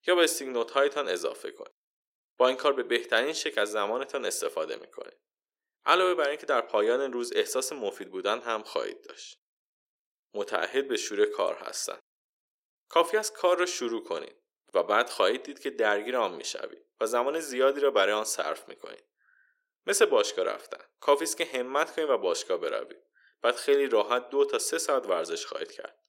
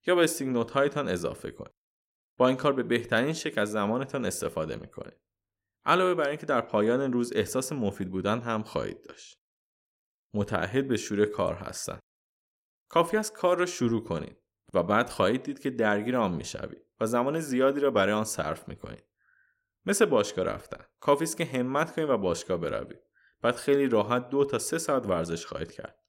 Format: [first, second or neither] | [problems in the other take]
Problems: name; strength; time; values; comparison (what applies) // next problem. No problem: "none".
second | thin; somewhat; fading below 400 Hz